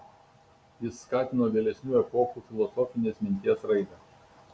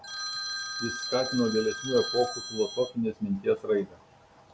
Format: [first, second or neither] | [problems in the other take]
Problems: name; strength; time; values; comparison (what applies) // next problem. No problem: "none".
first | background sound (Telephone); 6 dB below the speech